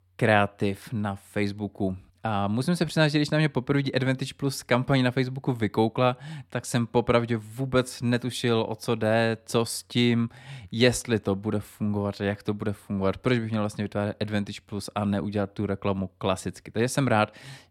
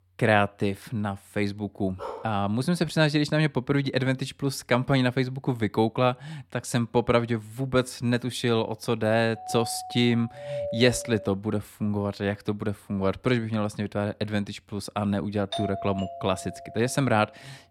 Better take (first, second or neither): first